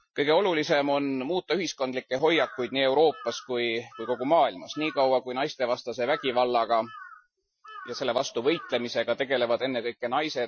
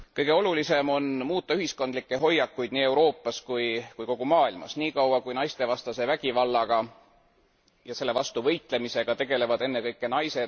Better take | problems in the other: second | noise reduction (classical method Wiener filter)

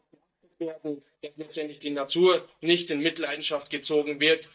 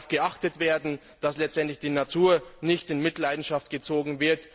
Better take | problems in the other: second | noise reduction (neural mask model DeepFilterNet 3)

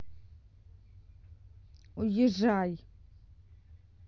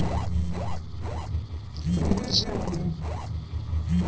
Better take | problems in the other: first | noise reduction (neural separator model SepFormer DNS4)

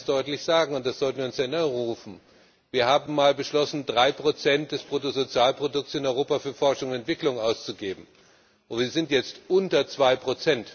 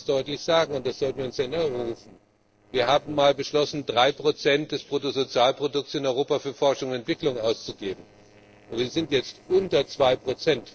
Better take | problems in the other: first | noise reduction (neural separator model SepFormer DNS4)

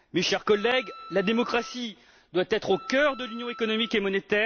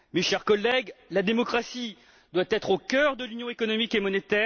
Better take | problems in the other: second | background sound (Wind instrument, woodwind instrument); 17 dB below the speech

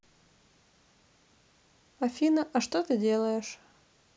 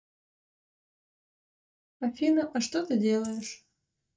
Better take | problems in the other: first | noise reduction (neural mask model DeepFilterNet 3)

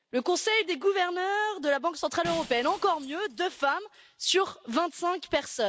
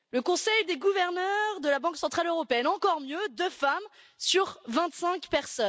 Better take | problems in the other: second | background sound (Shatter); 19 dB below the speech

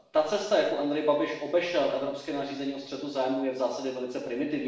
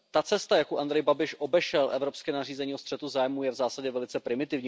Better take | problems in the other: second | room echo; dies away in 0.7 s

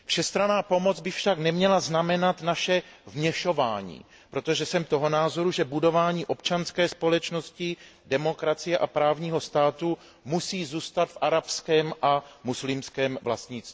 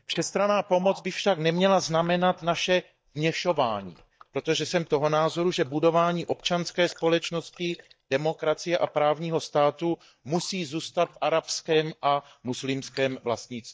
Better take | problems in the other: first | noise reduction (neural mask model DeepFilterNet 3)

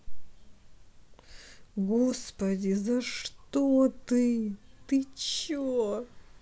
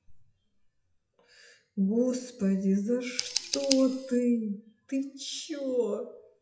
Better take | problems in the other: first | noise reduction (classical method WPE with log-MMSE)

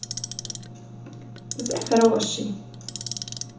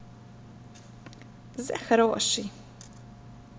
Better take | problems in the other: second | background sound (Clock); 10 dB below the speech // room echo; dies away in 0.7 s

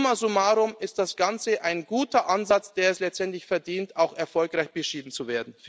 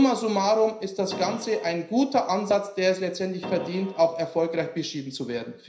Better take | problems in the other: first | background sound (Keyboard (musical)); 11 dB below the speech // room echo; dies away in 0.5 s

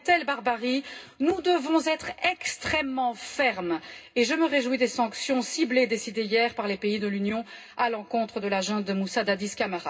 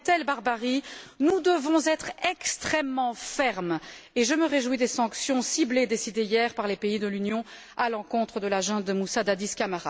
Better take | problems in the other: second | room echo; dies away in 0.2 s

